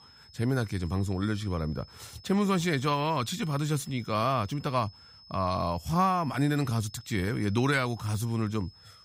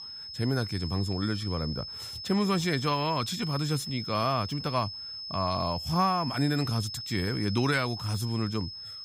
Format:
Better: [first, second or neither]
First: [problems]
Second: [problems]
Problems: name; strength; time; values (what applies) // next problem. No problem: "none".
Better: first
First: high-pitched whine; faint; throughout; 5 kHz, 20 dB below the speech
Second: high-pitched whine; loud; throughout; 5 kHz, 7 dB below the speech